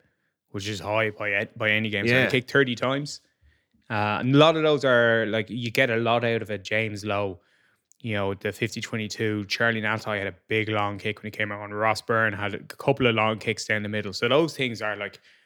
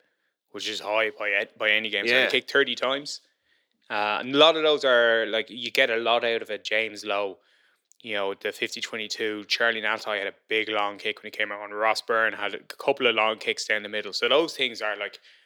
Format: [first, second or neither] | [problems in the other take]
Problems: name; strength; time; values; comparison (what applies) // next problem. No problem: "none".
first | thin; somewhat; fading below 450 Hz